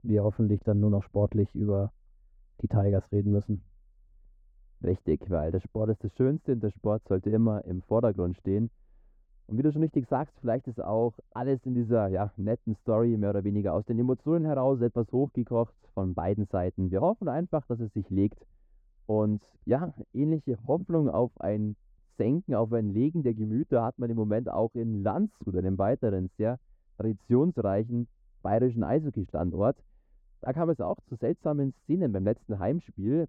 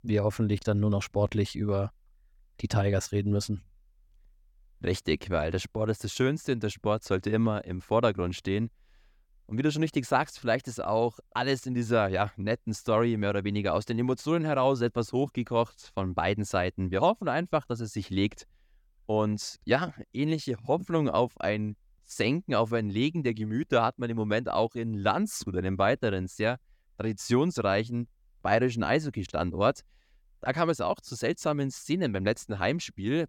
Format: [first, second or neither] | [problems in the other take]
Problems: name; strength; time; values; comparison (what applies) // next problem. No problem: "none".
second | muffled; very; fading above 1.5 kHz